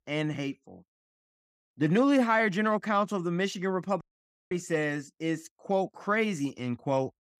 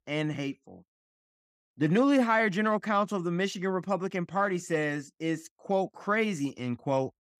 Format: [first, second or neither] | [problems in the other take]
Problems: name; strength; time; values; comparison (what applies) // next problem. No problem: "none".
second | audio cutting out; at 4 s for 0.5 s